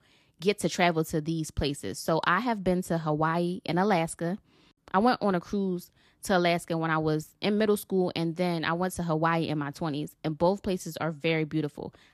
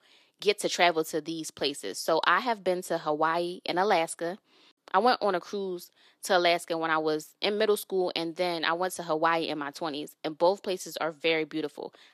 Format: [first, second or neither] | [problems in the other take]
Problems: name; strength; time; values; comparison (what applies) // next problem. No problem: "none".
first | thin; somewhat; fading below 450 Hz